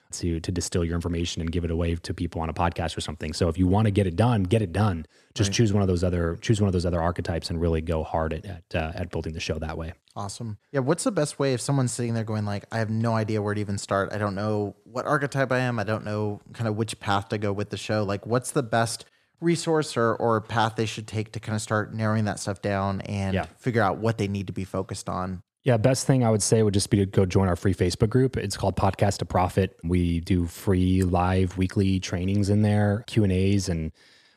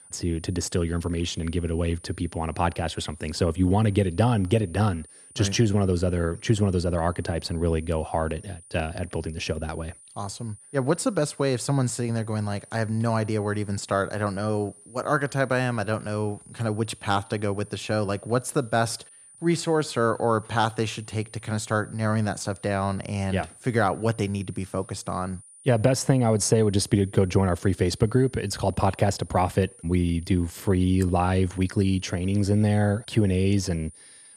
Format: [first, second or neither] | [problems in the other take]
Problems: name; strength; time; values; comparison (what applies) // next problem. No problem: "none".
first | high-pitched whine; faint; throughout; 9.5 kHz, 20 dB below the speech